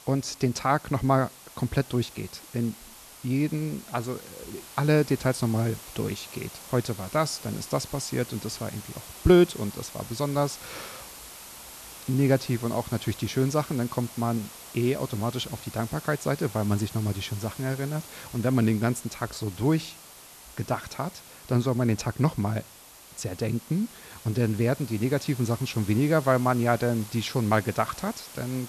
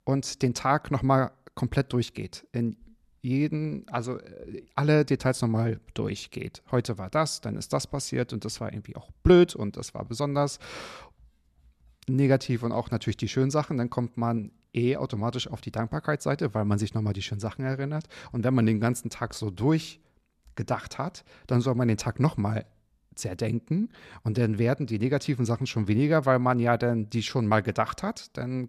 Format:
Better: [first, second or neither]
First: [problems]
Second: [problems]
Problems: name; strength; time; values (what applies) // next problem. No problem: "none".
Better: second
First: hiss; noticeable; throughout; 15 dB below the speech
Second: none